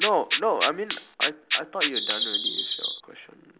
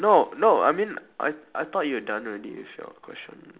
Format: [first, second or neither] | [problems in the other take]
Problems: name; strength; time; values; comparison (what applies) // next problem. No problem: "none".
second | background sound (Rattle (instrument) + Bird vocalization, bird call, bird song); 1 dB above the speech